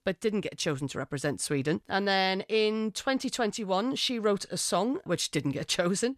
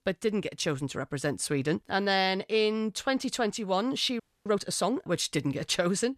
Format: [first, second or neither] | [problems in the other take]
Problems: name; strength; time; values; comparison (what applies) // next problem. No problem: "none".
first | audio freezing; at 4 s